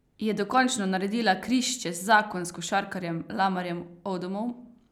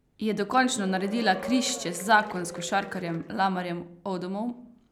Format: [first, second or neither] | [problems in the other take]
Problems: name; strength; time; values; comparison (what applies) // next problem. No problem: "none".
first | background sound (Applause / Crowd / Cheering); 13 dB below the speech